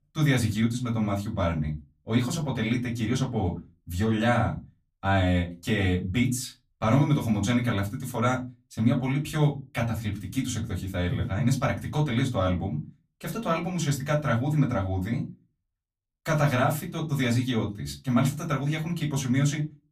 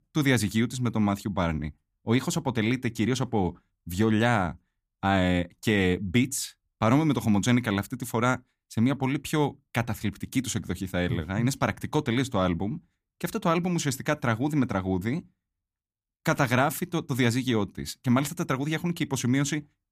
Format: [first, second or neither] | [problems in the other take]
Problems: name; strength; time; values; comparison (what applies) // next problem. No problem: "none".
second | off-mic speech; far // room echo; very slight; dies away in 0.2 s